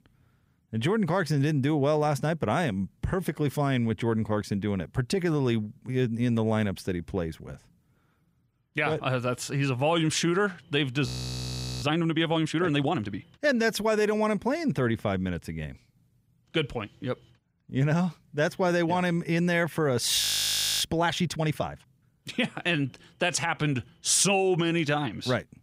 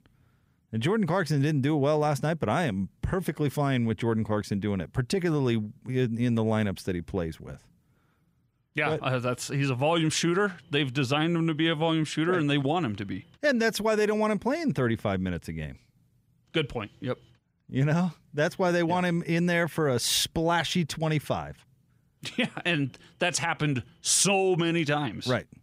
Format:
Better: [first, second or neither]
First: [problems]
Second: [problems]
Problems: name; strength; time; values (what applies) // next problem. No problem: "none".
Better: second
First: audio freezing; at 11 s for 1 s and at 20 s for 0.5 s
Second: none